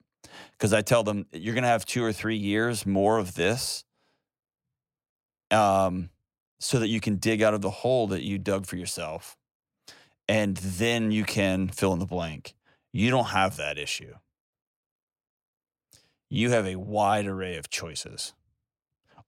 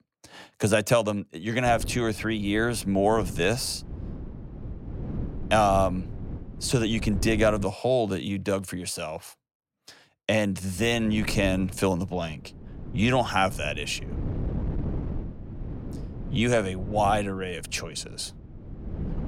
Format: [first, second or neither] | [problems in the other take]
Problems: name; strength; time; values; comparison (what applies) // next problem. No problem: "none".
first | wind noise on the microphone; occasional gusts; from 1.5 to 7.5 s and from 11 s on; 20 dB below the speech